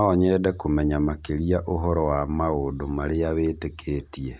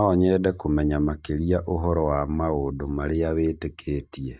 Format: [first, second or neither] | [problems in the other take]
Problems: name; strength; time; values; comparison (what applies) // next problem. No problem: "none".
first | noise reduction (neural mask model DeepFilterNet 3)